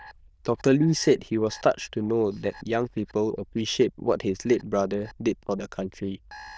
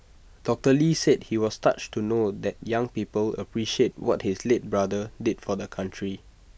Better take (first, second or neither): second